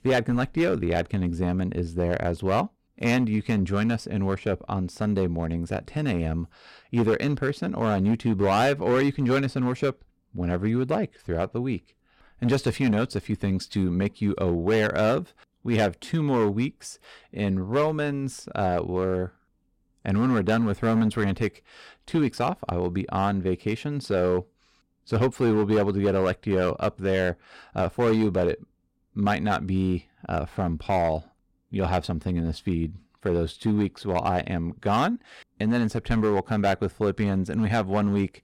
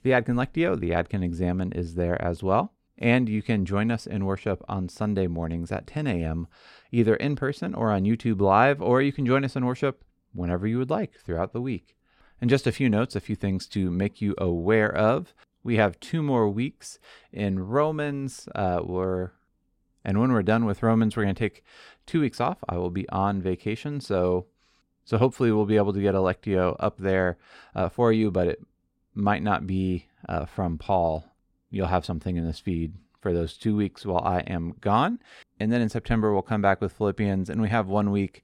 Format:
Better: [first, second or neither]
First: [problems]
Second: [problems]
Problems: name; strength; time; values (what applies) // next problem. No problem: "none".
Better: second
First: distortion; slight; 5% of the sound clipped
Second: none